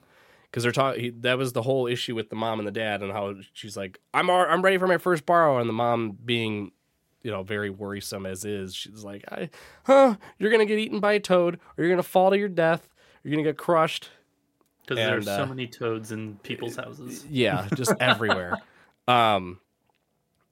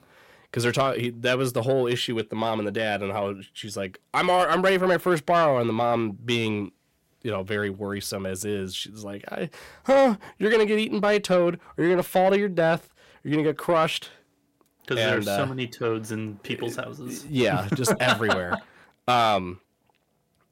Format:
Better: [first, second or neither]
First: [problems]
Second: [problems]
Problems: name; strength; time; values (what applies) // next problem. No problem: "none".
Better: first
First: none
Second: distortion; slight; 10 dB below the speech